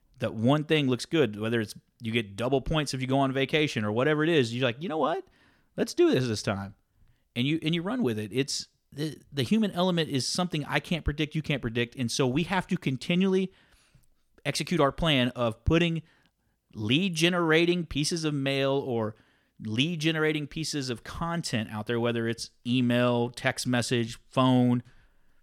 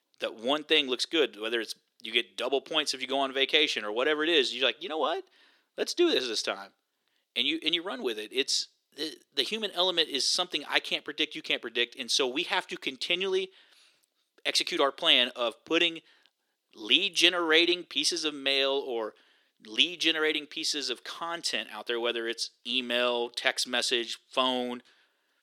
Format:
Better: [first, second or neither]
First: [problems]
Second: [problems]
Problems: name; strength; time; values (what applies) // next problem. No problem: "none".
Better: first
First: none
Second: thin; somewhat; fading below 350 Hz